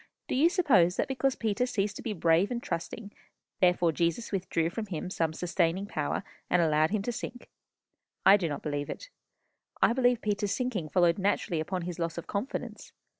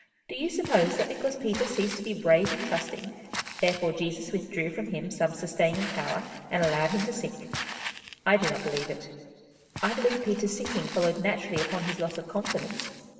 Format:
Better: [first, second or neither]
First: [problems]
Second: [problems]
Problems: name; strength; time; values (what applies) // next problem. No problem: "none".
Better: first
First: none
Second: background sound (Walk, footsteps); 9 dB below the speech // room echo; dies away in 1.9 s